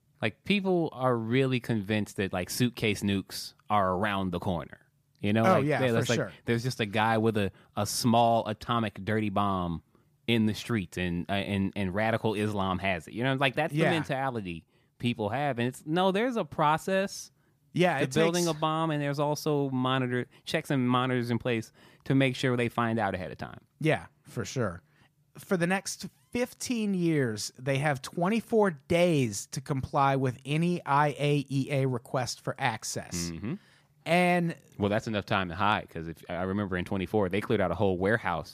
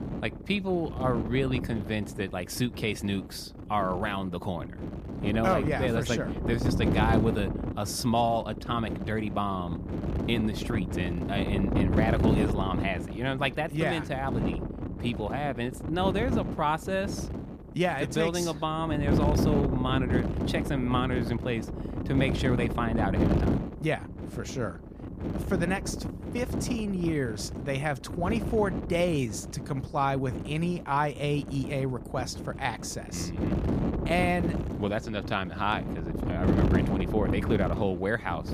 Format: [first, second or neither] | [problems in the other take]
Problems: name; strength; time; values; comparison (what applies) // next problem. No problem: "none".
first | wind noise on the microphone; heavy; 6 dB below the speech